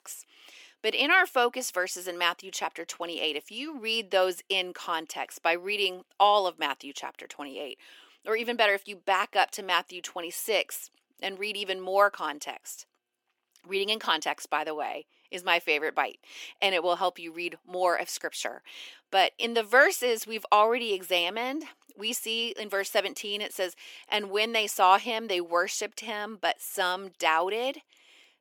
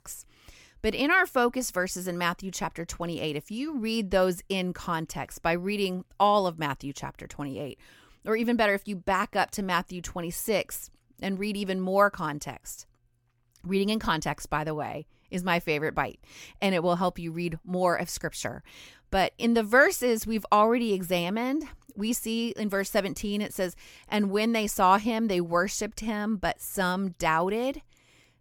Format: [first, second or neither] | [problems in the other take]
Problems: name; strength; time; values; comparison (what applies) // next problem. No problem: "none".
second | thin; somewhat; fading below 300 Hz